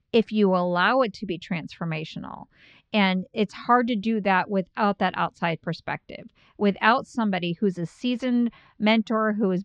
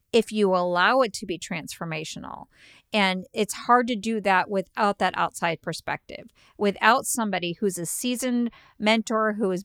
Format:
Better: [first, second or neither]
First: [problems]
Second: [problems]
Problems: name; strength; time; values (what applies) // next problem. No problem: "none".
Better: second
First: muffled; very slightly; fading above 4.5 kHz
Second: none